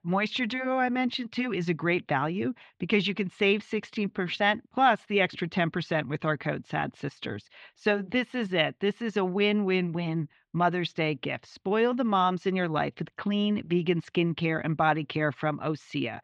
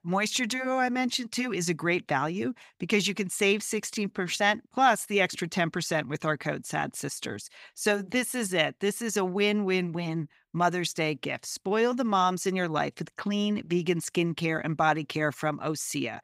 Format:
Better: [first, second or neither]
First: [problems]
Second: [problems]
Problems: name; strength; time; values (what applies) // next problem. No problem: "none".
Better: second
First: muffled; slightly; fading above 3.5 kHz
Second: none